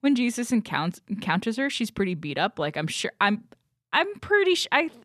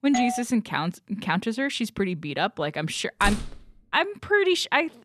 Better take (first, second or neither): first